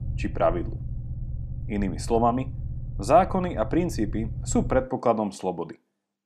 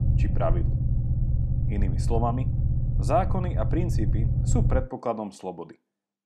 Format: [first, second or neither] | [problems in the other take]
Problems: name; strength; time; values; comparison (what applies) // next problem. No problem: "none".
first | low rumble; loud; until 5 s; 9 dB below the speech; faint in the first